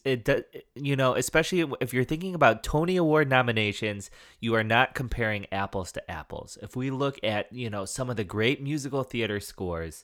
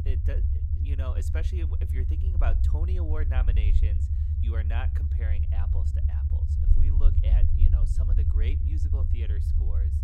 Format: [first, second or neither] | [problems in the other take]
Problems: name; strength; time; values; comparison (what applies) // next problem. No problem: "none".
first | low rumble; loud; throughout; 1 dB below the speech